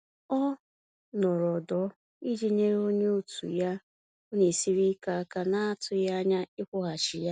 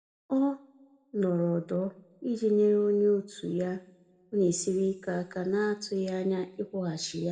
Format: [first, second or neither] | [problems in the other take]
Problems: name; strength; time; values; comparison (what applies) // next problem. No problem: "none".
first | room echo; dies away in 0.7 s